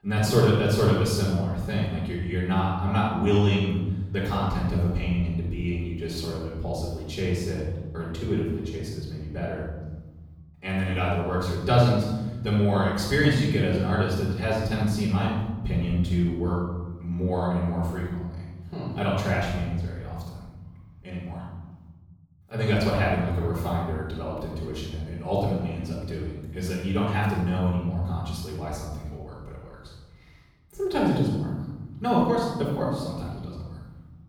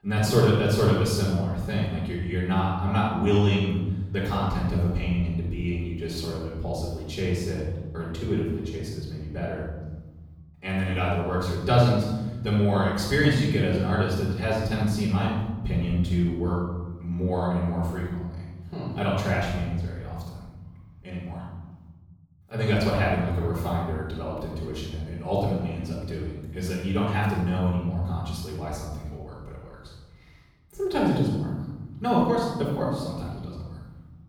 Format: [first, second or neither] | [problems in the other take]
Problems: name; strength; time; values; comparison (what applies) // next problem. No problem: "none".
neither | off-mic speech; far; the same in both // room echo; strong; dies away in 1.7 s; the same in both